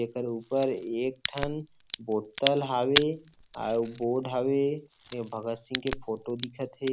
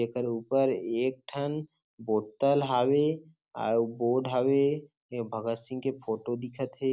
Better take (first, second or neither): second